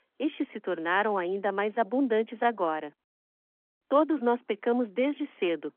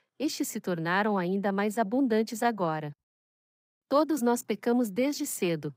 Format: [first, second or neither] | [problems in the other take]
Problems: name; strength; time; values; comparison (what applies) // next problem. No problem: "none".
second | phone-call audio